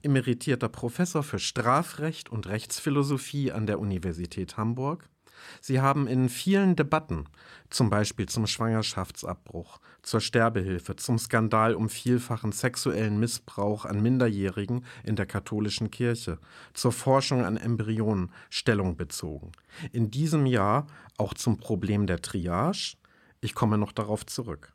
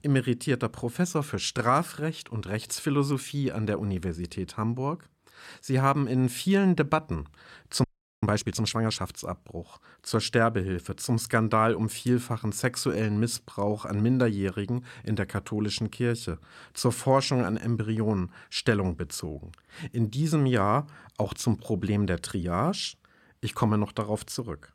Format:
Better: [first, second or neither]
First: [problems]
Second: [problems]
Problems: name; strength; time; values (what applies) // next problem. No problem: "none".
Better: first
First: none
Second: audio freezing; at 8 s